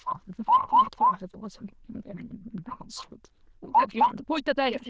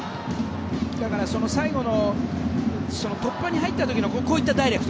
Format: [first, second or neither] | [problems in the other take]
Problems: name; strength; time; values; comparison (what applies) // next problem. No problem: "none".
second | noise reduction (neural diffusion model UNIVERSE++)